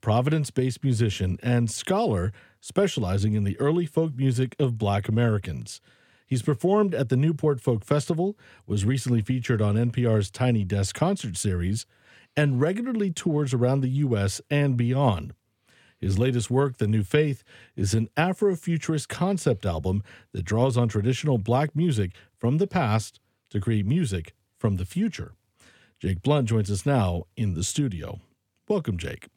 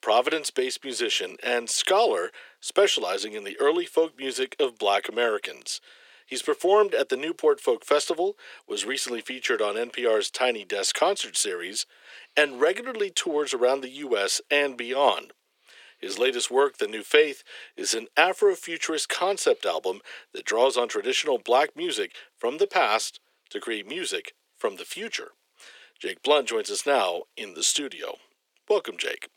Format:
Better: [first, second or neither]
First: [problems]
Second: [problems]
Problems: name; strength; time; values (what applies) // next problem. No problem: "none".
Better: first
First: none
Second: thin; very; fading below 350 Hz